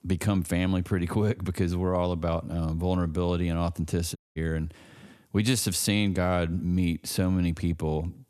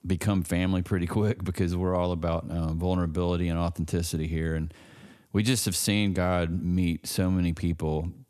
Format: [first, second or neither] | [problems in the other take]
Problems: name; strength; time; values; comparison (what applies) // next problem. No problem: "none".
second | audio cutting out; at 4 s